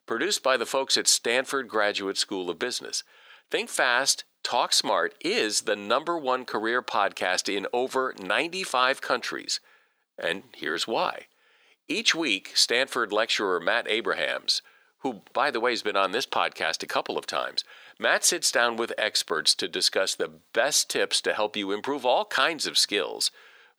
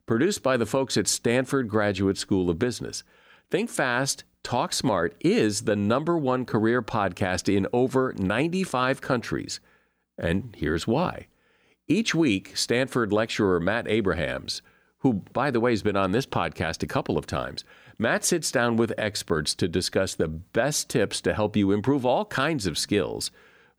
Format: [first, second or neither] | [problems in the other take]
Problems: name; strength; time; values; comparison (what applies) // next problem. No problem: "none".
second | thin; somewhat; fading below 550 Hz